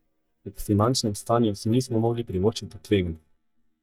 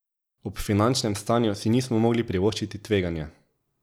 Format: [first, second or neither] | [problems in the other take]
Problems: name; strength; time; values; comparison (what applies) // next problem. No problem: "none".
second | noise reduction (neural mask model DeepFilterNet 3)